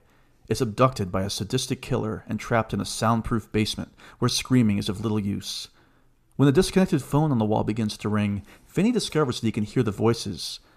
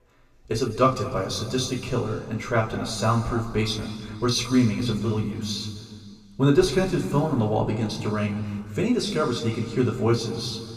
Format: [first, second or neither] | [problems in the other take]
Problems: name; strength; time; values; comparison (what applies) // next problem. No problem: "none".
first | room echo; slight; dies away in 2.1 s // off-mic speech; somewhat distant